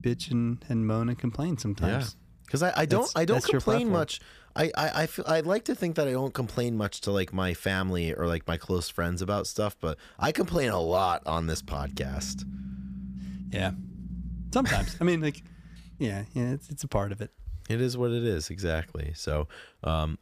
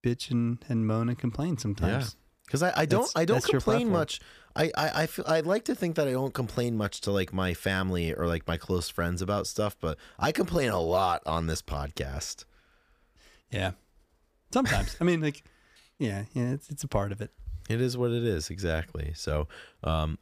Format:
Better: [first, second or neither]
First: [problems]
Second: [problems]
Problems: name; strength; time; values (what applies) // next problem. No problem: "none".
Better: second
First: low rumble; faint; until 17 s; 20 dB below the speech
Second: none